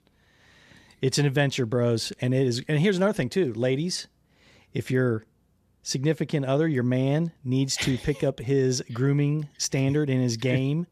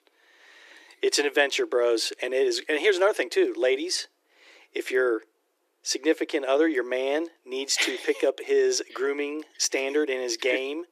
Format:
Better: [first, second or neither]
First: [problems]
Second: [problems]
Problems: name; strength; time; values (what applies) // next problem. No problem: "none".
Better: first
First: none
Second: thin; very; fading below 300 Hz